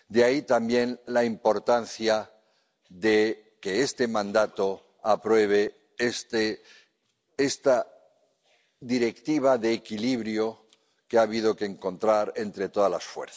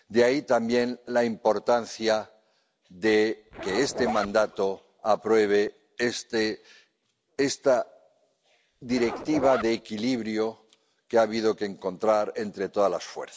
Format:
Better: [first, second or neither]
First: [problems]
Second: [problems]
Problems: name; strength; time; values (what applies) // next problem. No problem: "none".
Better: first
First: none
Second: background sound (Zipper (clothing)); 8 dB below the speech